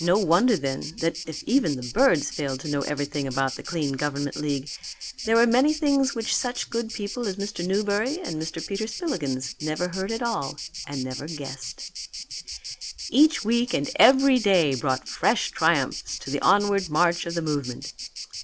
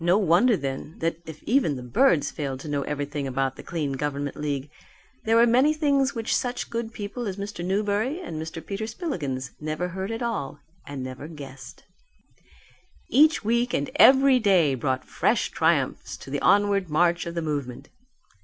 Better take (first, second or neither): second